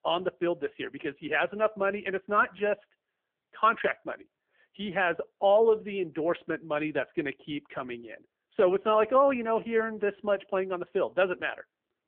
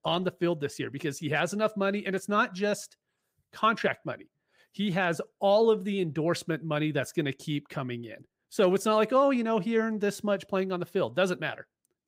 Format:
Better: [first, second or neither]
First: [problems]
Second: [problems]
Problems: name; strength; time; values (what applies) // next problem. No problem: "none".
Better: second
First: phone-call audio; poor line; nothing above 3.5 kHz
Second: none